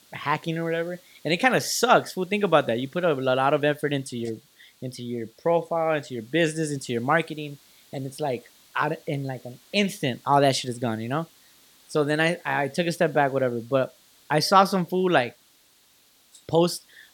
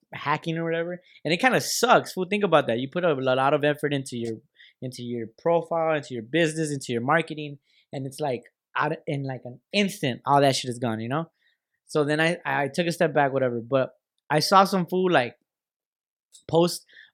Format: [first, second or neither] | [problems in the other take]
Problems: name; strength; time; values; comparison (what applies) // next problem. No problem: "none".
second | hiss; faint; throughout; 30 dB below the speech